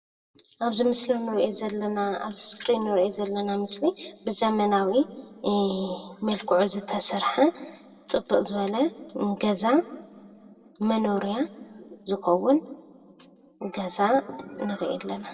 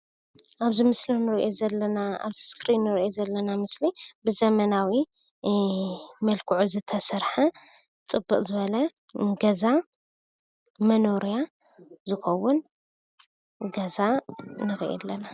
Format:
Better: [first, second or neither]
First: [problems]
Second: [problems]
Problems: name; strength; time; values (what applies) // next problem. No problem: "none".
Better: second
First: room echo; dies away in 1.7 s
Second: none